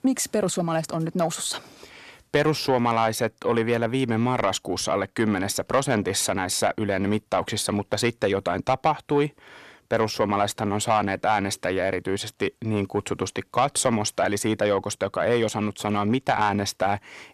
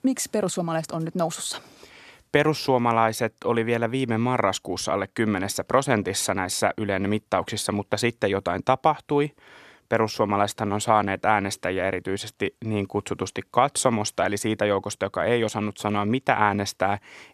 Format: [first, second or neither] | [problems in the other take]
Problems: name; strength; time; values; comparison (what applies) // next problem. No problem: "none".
second | distortion; slight; 10 dB below the speech